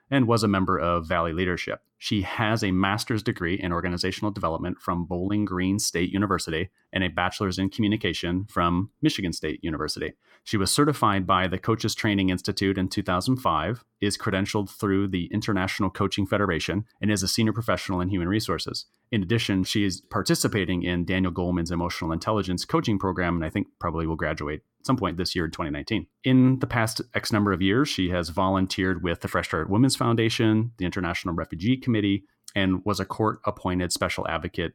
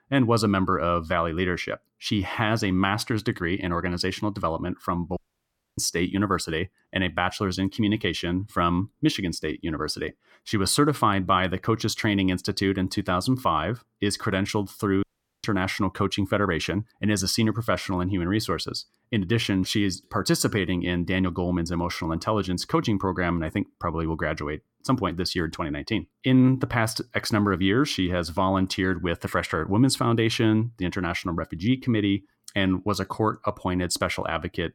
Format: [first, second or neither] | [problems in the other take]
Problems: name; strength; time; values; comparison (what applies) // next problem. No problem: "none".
first | audio cutting out; at 5 s for 0.5 s and at 15 s